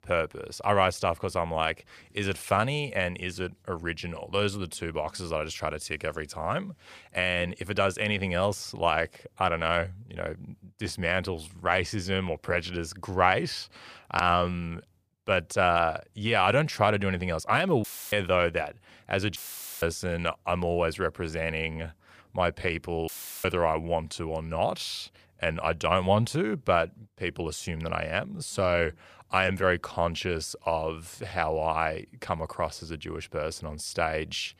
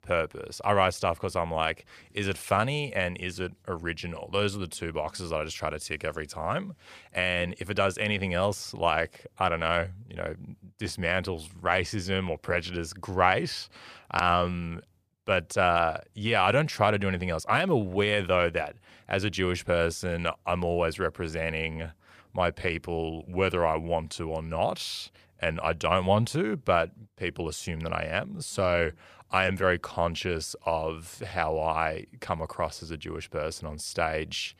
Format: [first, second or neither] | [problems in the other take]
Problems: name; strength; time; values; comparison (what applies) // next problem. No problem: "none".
second | audio cutting out; filled with static; at 18 s, at 19 s and at 23 s